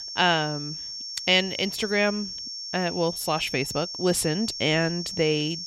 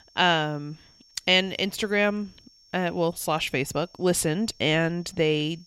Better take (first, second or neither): second